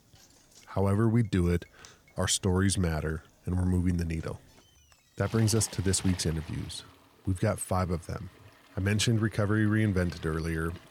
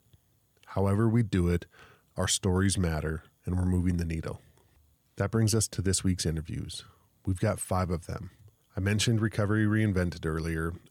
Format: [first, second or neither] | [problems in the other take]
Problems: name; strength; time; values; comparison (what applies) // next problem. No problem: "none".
second | household noises; faint; throughout; 25 dB below the speech